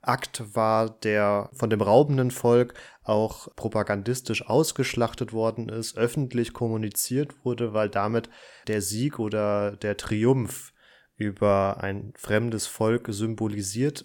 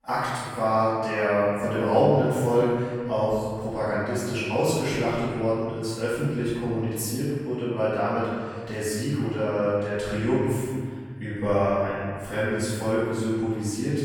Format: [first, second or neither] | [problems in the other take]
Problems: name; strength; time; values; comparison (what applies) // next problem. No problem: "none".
first | off-mic speech; far // room echo; strong; dies away in 1.9 s